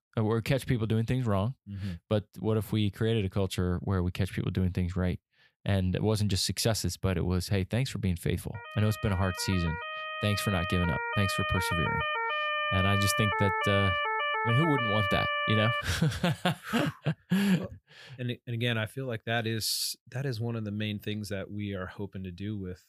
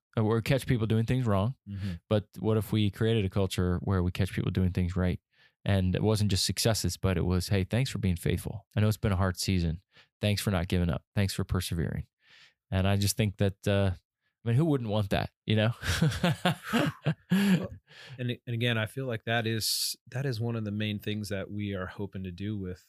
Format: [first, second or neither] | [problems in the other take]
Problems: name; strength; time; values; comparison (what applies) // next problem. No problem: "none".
second | siren; loud; from 8.5 to 16 s; peak 2 dB above the speech